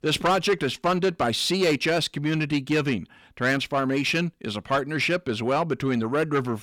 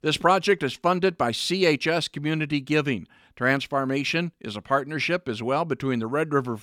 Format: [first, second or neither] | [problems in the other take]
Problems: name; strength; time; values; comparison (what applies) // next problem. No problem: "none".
second | distortion; slight; 10 dB below the speech